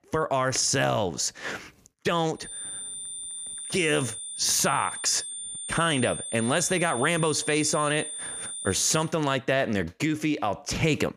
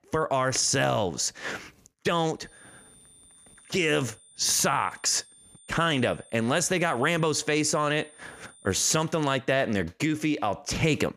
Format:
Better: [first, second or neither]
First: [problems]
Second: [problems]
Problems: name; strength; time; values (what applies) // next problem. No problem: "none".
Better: second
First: high-pitched whine; loud; from 2.5 to 9 s; 9 kHz, 8 dB below the speech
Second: high-pitched whine; faint; from 2.5 to 9 s; 9 kHz, 25 dB below the speech